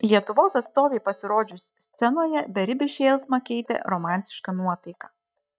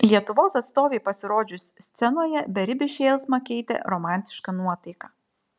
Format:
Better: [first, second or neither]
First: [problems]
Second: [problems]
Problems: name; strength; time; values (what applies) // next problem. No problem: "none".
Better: second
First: noise reduction (neural mask model DeepFilterNet 3)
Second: none